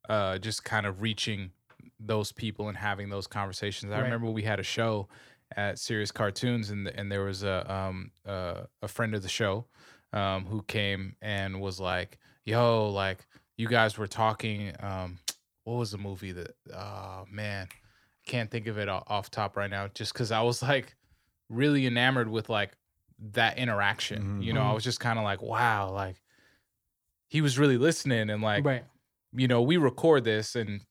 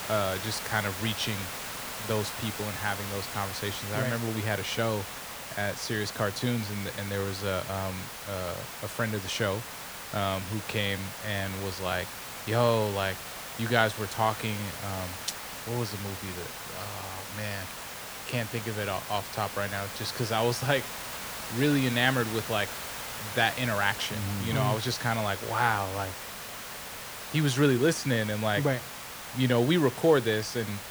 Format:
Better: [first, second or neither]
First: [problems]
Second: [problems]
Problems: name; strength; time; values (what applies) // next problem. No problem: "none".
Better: first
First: none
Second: hiss; loud; throughout; 7 dB below the speech